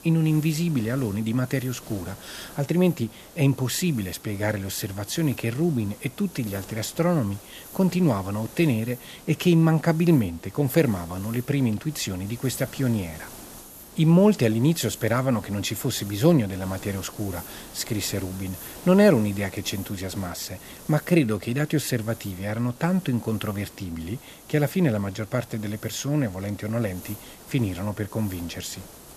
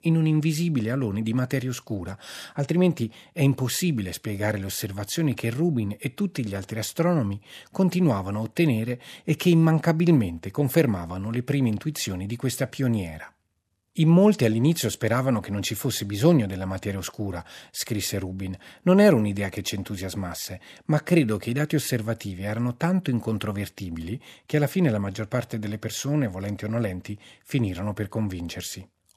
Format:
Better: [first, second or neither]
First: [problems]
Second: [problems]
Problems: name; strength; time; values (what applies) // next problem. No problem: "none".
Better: second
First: hiss; noticeable; throughout; 20 dB below the speech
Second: none